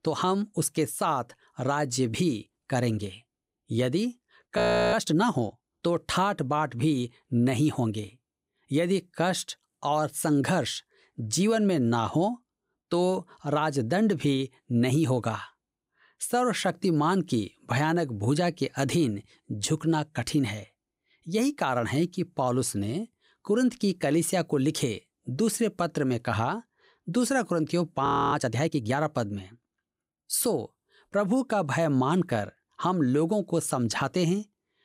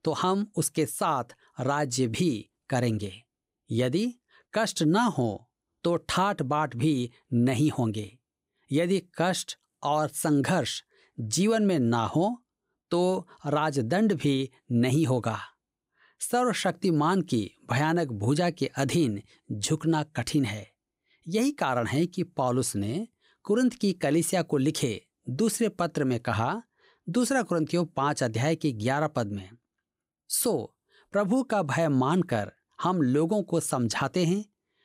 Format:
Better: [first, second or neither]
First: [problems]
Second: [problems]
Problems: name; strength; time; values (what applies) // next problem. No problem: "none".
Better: second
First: audio freezing; at 4.5 s and at 28 s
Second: none